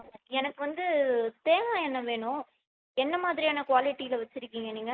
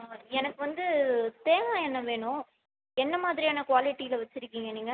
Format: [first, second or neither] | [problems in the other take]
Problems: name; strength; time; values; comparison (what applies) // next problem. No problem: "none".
second | noise reduction (neural mask model Resemble Enhance denoiser)